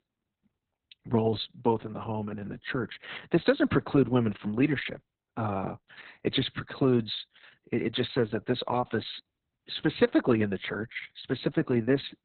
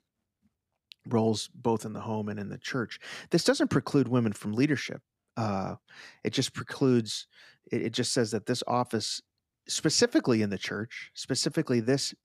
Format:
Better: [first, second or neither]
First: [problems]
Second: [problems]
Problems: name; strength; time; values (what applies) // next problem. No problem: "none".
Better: second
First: garbled, watery; badly; nothing above 4 kHz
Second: none